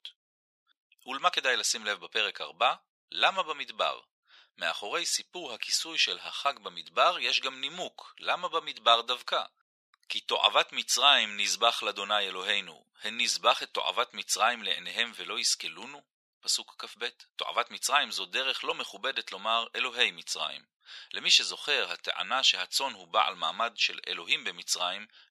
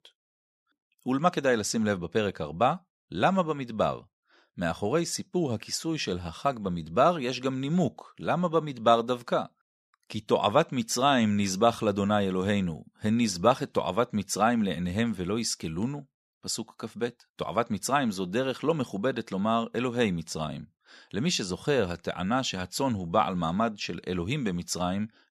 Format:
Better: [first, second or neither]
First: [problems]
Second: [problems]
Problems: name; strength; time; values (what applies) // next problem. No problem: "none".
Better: second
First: thin; very; fading below 900 Hz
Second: none